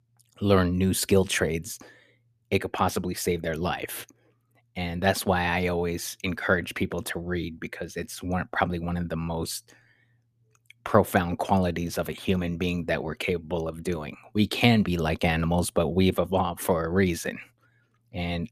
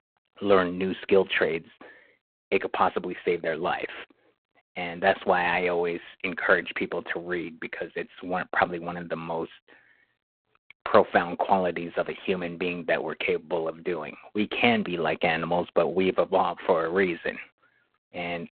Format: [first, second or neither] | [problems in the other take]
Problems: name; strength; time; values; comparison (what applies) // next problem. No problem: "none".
first | phone-call audio; poor line